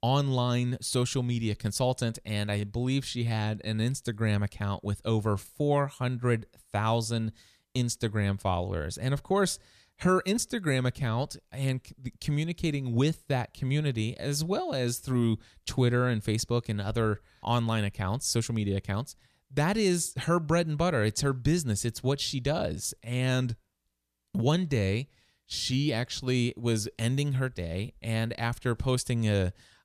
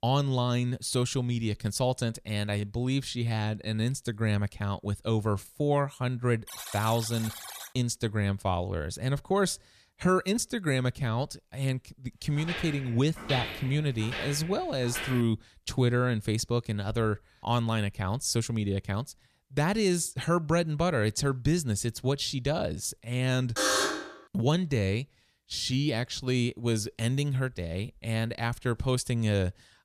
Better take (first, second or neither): first